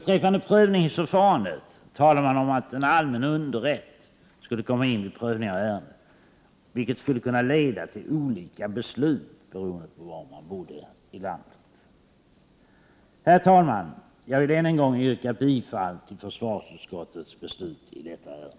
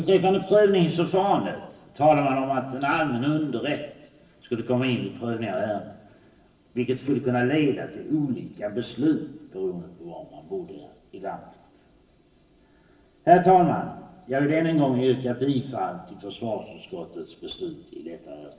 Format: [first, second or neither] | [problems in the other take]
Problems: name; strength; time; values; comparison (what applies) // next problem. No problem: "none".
first | room echo; dies away in 1 s